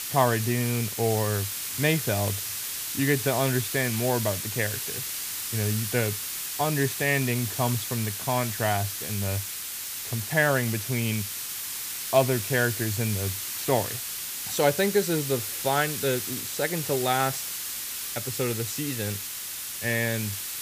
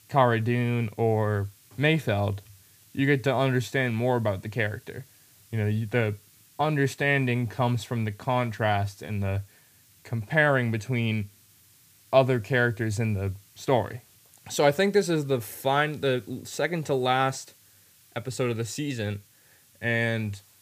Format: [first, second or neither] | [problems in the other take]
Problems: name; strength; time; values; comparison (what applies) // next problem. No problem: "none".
second | hiss; loud; throughout; 3 dB below the speech; faint in the second